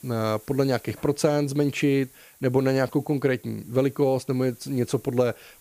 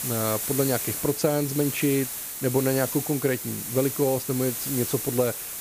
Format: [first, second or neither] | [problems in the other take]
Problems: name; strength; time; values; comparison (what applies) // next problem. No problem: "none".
first | hiss; loud; throughout; 3 dB below the speech; faint in the first